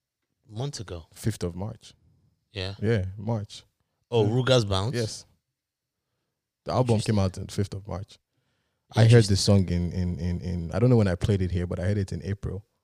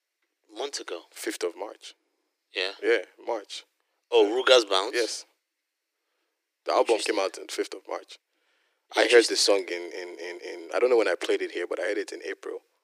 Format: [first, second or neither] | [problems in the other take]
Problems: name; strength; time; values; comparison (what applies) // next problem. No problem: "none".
first | thin; very; fading below 300 Hz